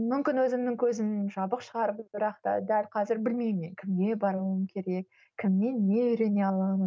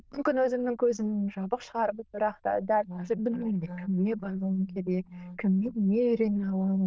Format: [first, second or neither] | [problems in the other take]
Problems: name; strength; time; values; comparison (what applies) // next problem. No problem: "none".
first | noise reduction (neural diffusion model UNIVERSE++)